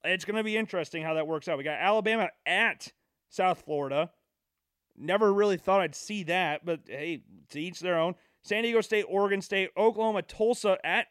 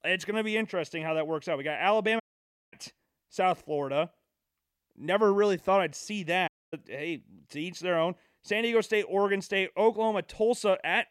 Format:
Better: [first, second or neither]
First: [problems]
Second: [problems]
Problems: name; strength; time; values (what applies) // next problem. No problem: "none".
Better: first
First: none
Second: audio cutting out; at 2 s for 0.5 s and at 6.5 s